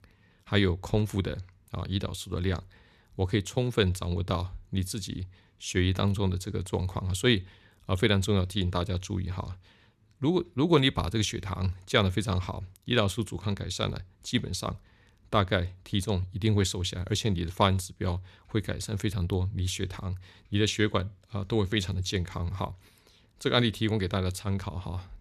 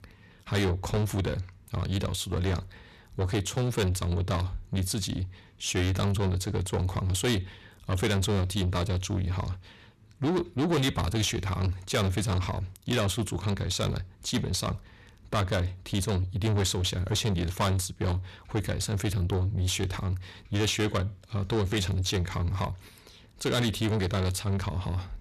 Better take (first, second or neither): first